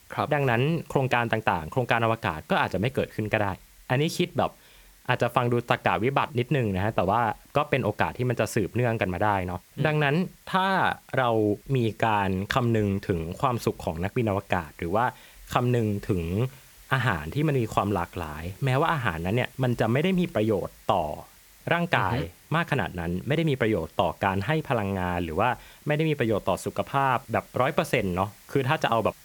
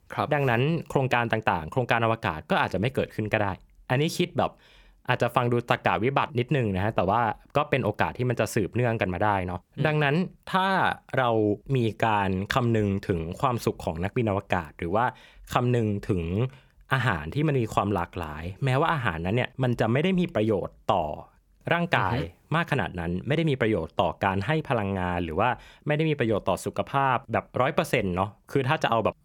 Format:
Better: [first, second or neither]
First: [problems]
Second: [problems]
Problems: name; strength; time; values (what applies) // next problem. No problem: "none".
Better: second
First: hiss; faint; throughout; 25 dB below the speech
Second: none